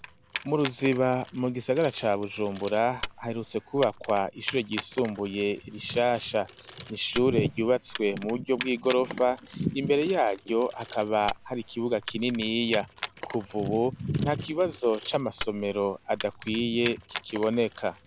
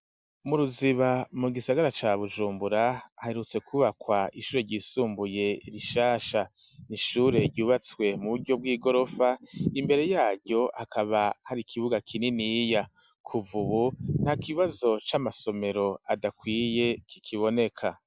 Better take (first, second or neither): second